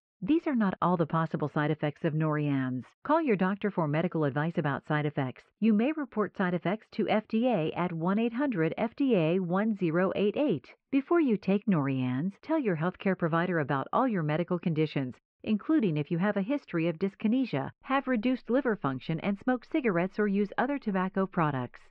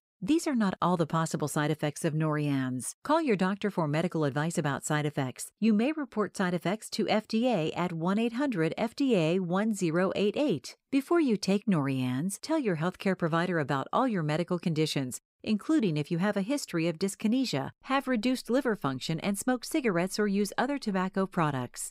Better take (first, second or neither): second